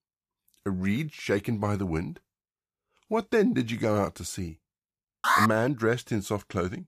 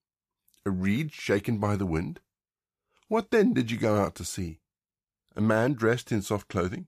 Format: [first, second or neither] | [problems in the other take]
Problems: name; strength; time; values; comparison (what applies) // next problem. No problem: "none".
second | alarm; loud; at 5 s; peak 5 dB above the speech